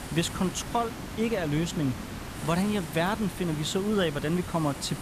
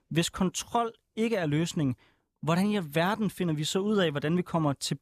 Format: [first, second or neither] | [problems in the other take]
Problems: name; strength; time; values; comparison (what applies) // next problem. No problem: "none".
second | hiss; loud; throughout; 9 dB below the speech